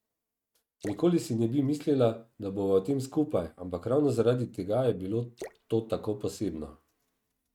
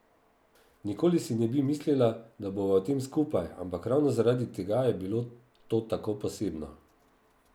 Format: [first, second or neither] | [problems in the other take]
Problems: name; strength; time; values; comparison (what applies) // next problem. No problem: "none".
second | noise reduction (neural mask model RNNoise)